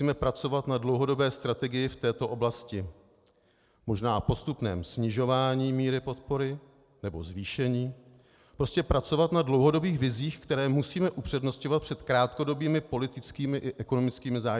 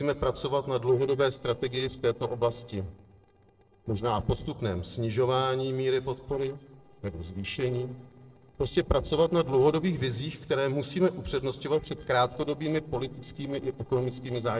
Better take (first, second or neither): first